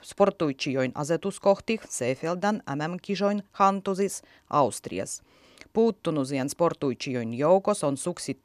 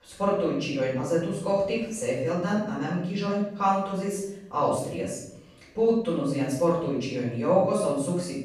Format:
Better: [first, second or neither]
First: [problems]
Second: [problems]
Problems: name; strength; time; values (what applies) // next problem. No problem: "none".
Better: first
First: none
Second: off-mic speech; far // room echo; noticeable; dies away in 0.8 s